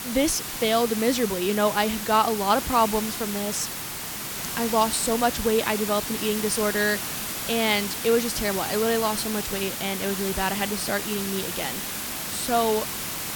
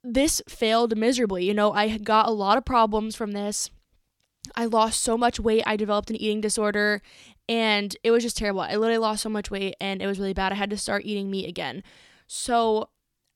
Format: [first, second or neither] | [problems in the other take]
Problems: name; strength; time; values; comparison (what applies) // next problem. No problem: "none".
second | hiss; loud; throughout; 4 dB below the speech